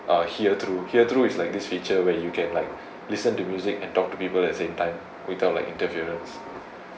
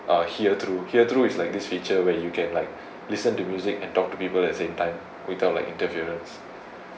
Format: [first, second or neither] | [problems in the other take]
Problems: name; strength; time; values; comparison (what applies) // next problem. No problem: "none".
second | background sound (Dishes, pots, and pans); 19 dB below the speech